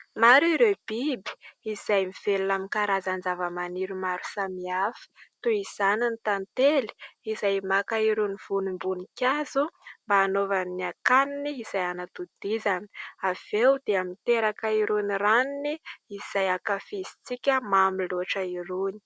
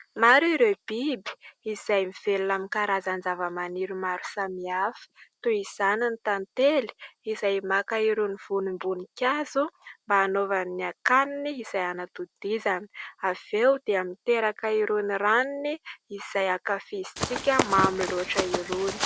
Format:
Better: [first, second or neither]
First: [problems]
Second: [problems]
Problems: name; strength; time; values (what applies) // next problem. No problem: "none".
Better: first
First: none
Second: background sound (Run); 3 dB below the speech